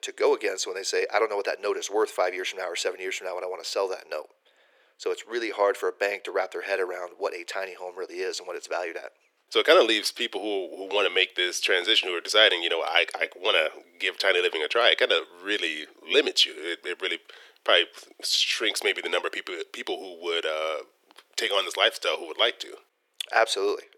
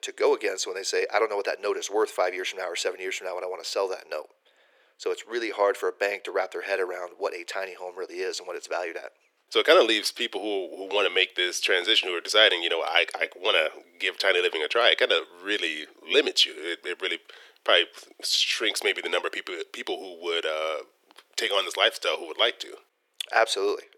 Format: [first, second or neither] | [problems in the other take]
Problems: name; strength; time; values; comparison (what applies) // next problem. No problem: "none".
neither | thin; very; fading below 400 Hz; the same in both